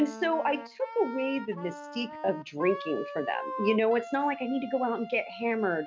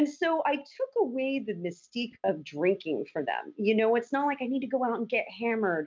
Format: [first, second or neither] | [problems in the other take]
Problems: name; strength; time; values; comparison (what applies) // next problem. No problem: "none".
second | background sound (Wind instrument, woodwind instrument); 11 dB below the speech